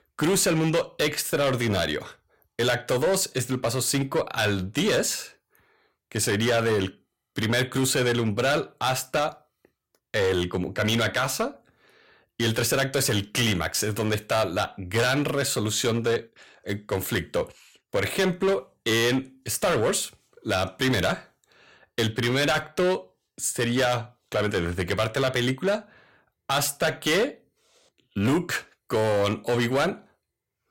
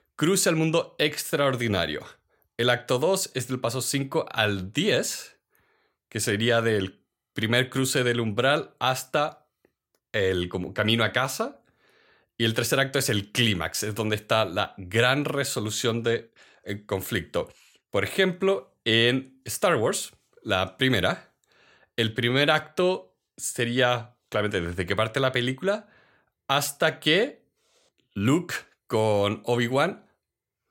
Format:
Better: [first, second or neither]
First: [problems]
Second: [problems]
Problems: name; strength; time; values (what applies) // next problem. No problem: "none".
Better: second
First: distortion; heavy; 9% of the sound clipped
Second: none